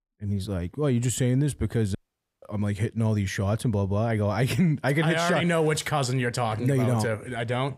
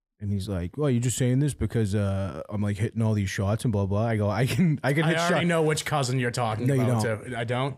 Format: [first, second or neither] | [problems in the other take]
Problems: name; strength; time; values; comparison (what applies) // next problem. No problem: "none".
second | audio cutting out; at 2 s